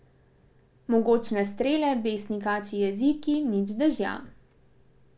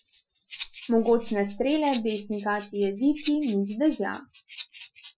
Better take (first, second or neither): first